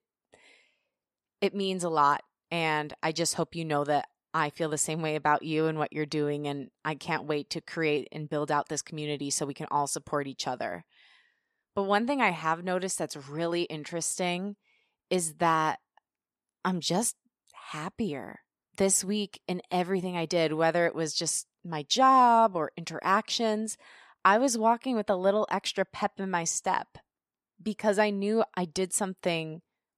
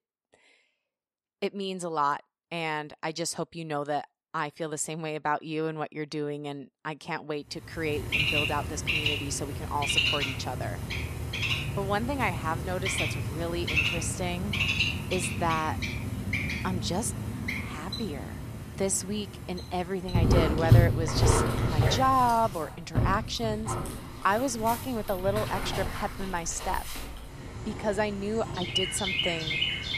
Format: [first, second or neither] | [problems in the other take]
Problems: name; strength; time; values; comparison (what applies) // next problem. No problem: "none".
first | animal sounds; very loud; from 8 s on; 2 dB above the speech